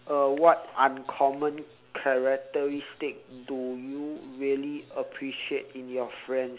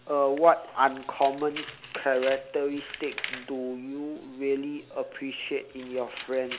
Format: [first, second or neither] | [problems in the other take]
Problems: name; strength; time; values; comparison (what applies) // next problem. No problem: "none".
first | background sound (Tools); 15 dB below the speech